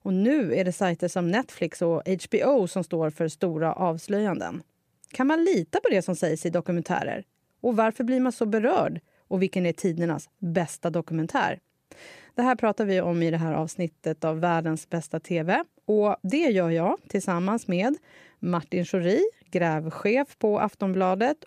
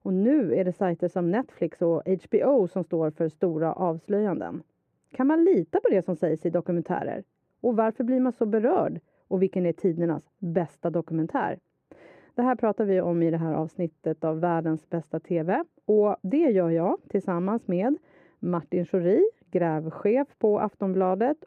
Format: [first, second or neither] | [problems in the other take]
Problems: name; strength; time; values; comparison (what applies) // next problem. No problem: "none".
first | muffled; very; fading above 2.5 kHz